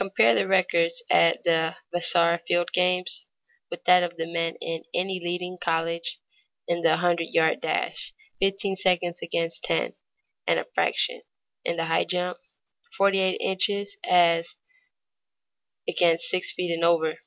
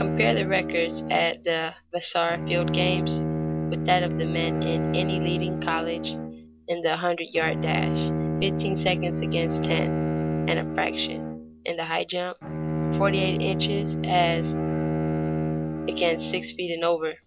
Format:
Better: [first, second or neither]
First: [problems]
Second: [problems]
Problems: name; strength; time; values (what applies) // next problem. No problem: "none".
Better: first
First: none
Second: background sound (Bowed string instrument); as loud as the speech